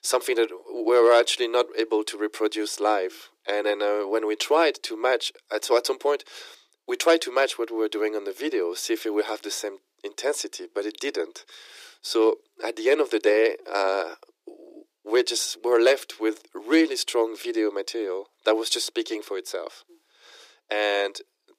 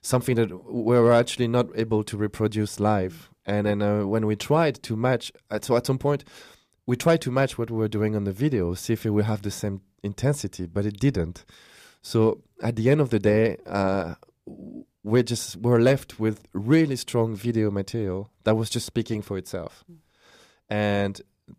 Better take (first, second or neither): second